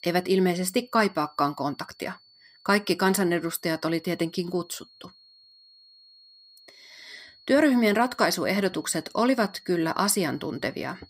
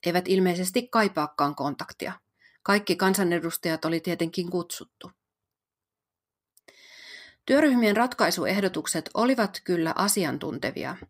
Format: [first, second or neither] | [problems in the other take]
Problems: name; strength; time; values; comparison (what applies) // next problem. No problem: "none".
second | high-pitched whine; faint; throughout; 4.5 kHz, 25 dB below the speech